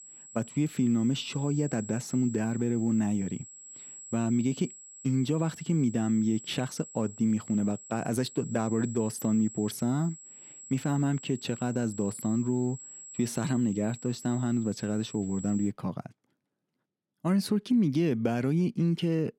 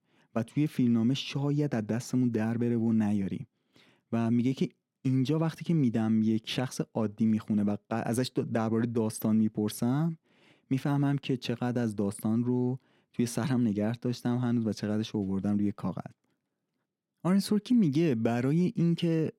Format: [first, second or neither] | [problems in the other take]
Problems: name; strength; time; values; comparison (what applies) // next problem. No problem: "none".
second | high-pitched whine; noticeable; until 16 s; 7.5 kHz, 15 dB below the speech